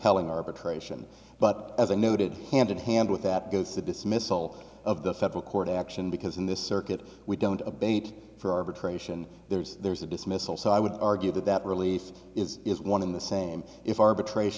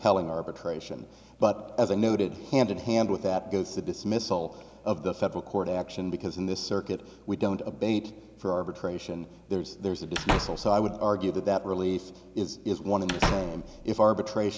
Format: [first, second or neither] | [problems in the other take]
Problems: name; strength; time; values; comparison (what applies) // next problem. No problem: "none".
first | background sound (Slam / Wood); 6 dB below the speech